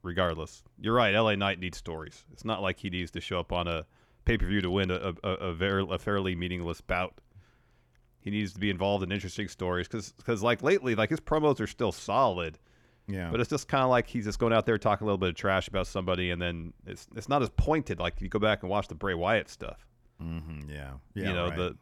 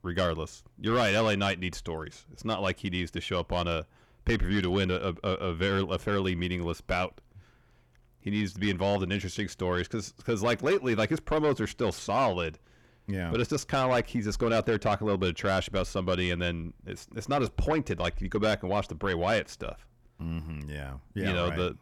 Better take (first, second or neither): first